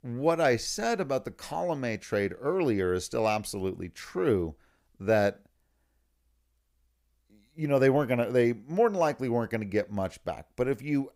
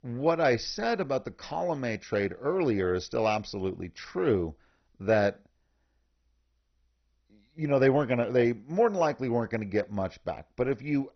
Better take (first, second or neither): first